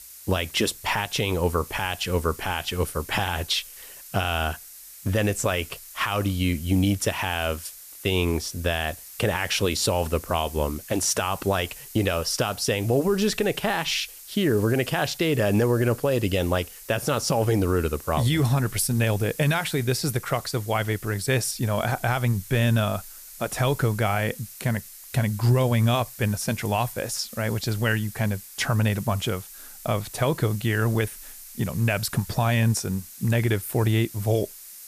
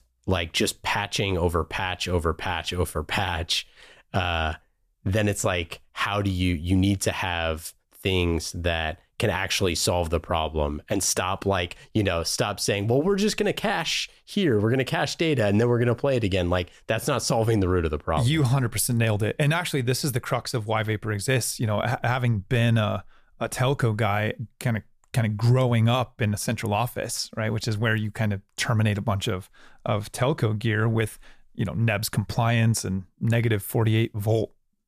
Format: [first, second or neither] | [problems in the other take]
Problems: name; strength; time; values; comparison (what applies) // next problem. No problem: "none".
second | hiss; noticeable; throughout; 15 dB below the speech